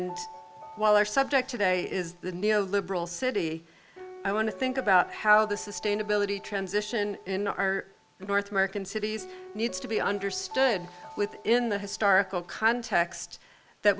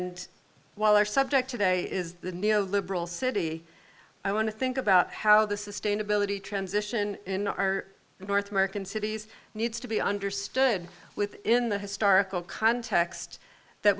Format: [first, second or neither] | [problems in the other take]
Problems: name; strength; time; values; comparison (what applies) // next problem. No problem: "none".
second | background sound (Piano); 18 dB below the speech